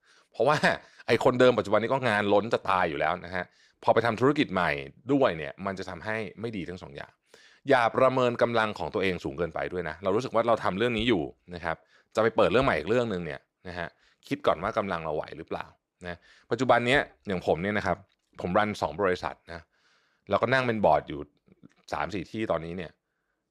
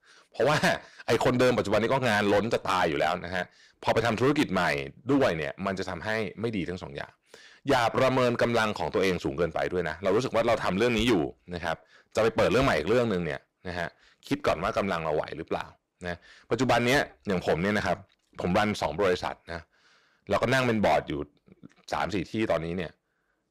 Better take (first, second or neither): first